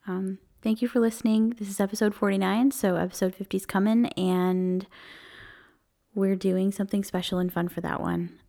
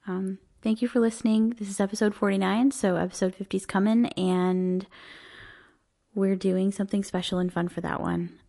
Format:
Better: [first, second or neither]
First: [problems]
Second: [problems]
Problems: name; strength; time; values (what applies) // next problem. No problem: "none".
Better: first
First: none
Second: garbled, watery; slightly; nothing above 11.5 kHz